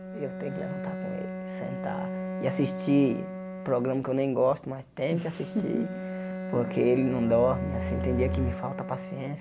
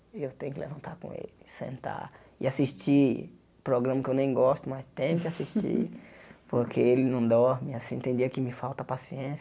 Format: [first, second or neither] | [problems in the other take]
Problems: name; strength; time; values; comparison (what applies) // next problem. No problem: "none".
second | background sound (Bowed string instrument + Bowed string instrument); 6 dB below the speech